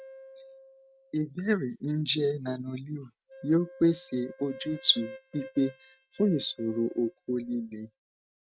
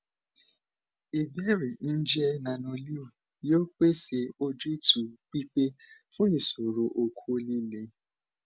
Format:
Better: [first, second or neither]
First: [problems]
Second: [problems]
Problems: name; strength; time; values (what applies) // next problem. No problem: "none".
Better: second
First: noise reduction (neural mask model RNNoise)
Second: none